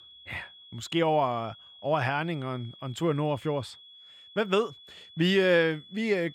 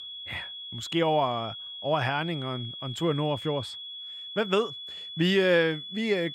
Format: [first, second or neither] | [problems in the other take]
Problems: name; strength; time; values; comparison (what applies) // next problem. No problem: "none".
first | high-pitched whine; loud; throughout; 3.5 kHz, 9 dB below the speech; faint in the first